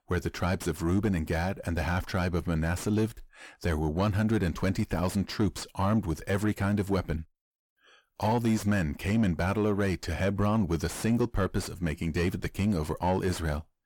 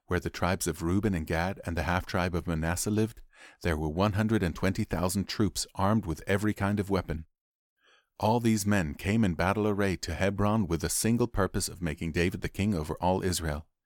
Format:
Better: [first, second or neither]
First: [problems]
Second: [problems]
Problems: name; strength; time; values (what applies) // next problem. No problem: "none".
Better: second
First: distortion; slight; 10 dB below the speech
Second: none